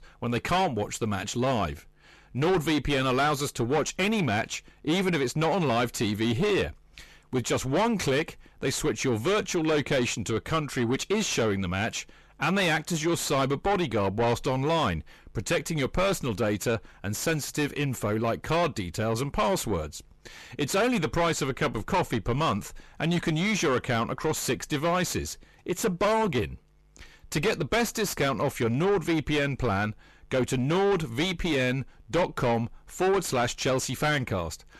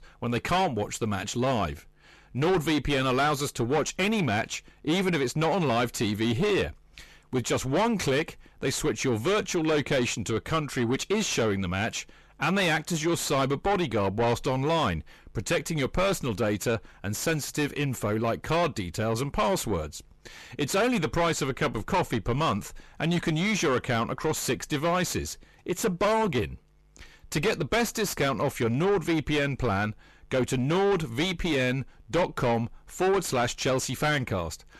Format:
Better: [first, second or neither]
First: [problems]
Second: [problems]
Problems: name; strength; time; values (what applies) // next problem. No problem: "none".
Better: neither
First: distortion; heavy; 6 dB below the speech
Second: distortion; heavy; 6 dB below the speech